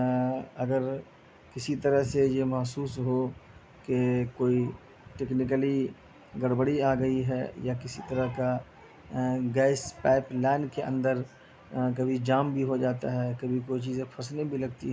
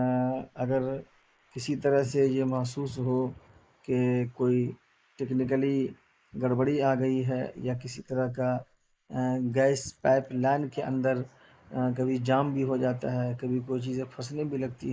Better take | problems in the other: first | noise reduction (neural mask model Resemble Enhance denoiser)

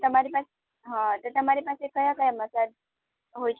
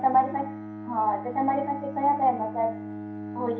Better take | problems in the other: first | background sound (Bowed string instrument); 10 dB below the speech // room echo; dies away in 0.5 s

